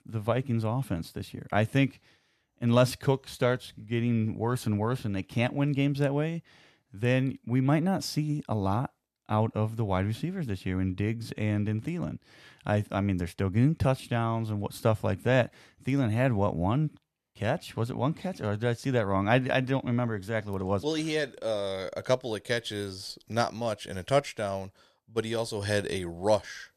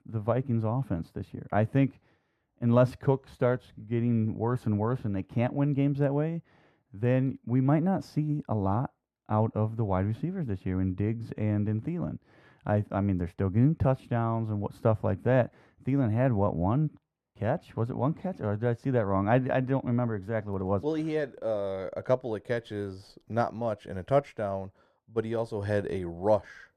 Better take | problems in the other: first | muffled; very; fading above 2 kHz

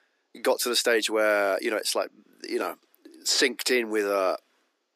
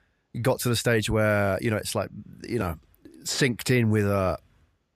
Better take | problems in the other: second | thin; somewhat; fading below 300 Hz

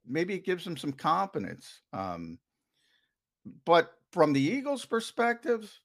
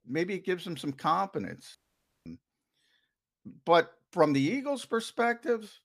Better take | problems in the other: first | audio cutting out; at 2 s for 0.5 s

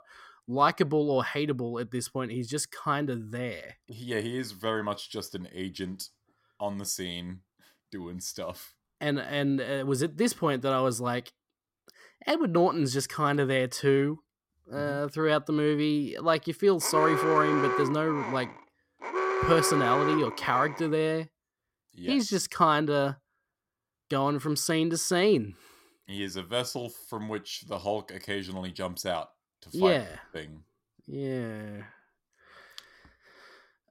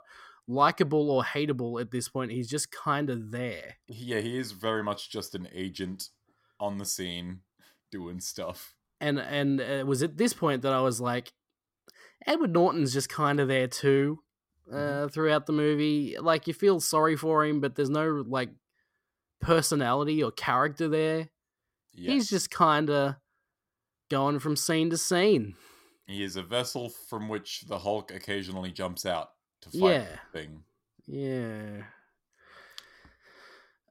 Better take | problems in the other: second | alarm; loud; from 17 to 21 s; peak 1 dB above the speech

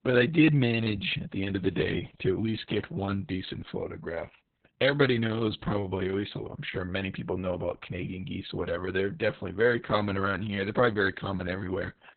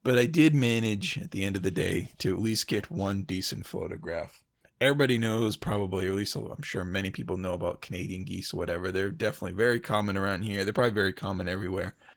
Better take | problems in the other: second | garbled, watery; badly; nothing above 4 kHz; slightly in the second

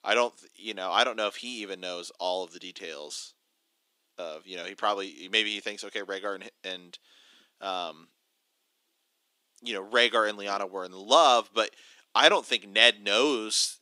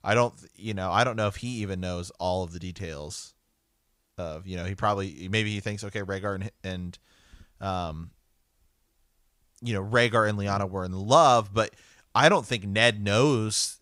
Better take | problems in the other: second | thin; somewhat; fading below 250 Hz

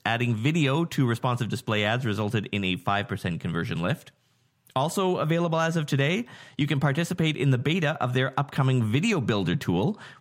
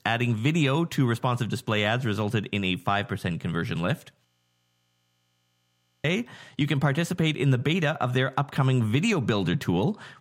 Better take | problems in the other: first | audio freezing; at 4.5 s for 2 s

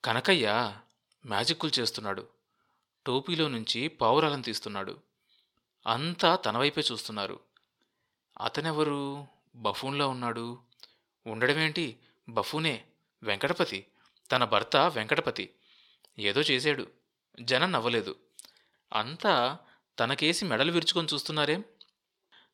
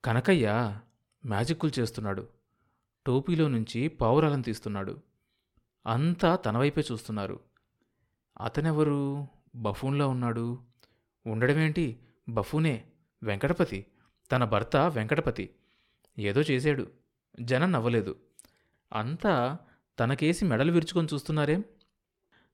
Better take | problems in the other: second | thin; somewhat; fading below 1 kHz

